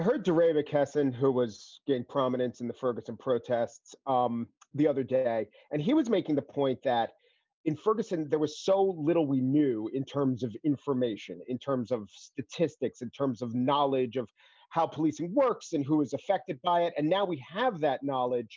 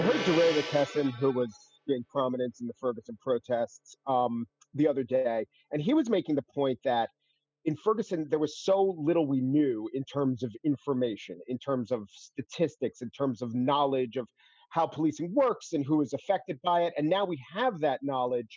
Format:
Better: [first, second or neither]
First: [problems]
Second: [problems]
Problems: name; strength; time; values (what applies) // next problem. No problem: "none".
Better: first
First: none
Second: noise reduction (classical method spectral subtraction)